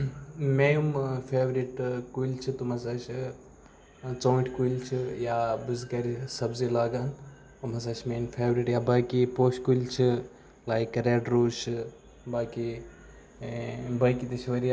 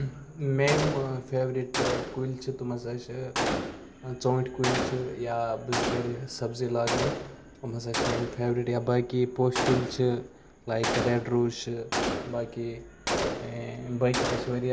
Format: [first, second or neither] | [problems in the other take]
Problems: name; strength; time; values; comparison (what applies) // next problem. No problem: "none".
first | background sound (Gunshot, gunfire); 4 dB below the speech